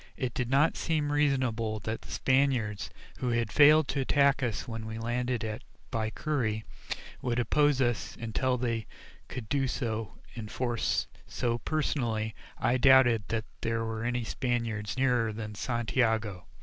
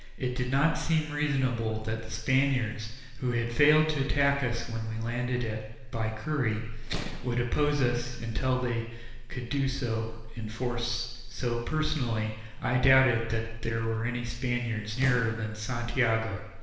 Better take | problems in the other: first | background sound (Boom); 15 dB below the speech // room echo; dies away in 1.1 s

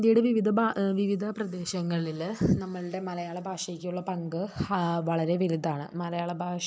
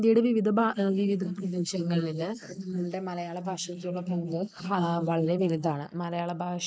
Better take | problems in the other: first | noise reduction (neural mask model Resemble Enhance denoiser)

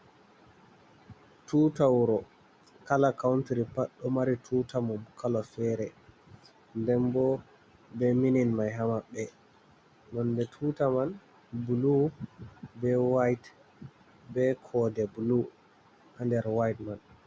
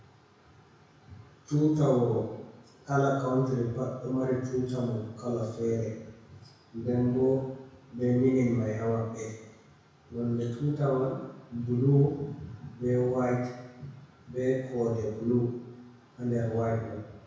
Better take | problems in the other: first | room echo; dies away in 1 s

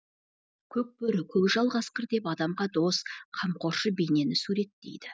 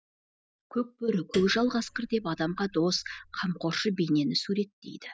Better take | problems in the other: first | background sound (Piano); 20 dB below the speech

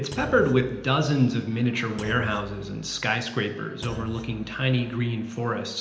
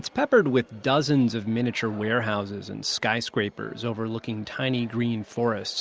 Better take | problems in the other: second | background sound (Thump, thud); 16 dB below the speech // room echo; dies away in 0.9 s

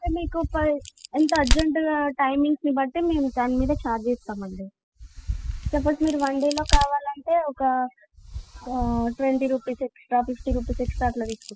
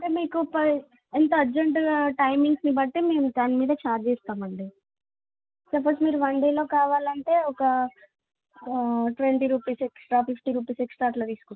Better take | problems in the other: second | noise reduction (classical method spectral subtraction)

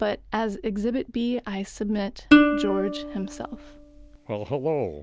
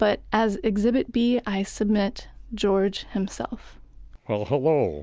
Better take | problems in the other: second | background sound (Plucked string instrument); 4 dB above the speech

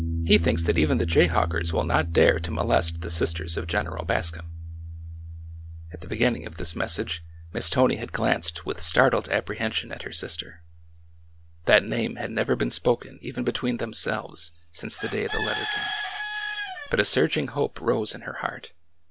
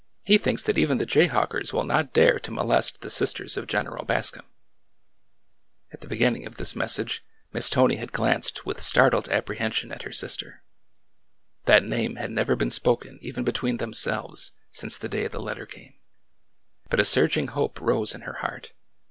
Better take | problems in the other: second | background sound (Piano + Bird / Chicken, rooster); 7 dB below the speech

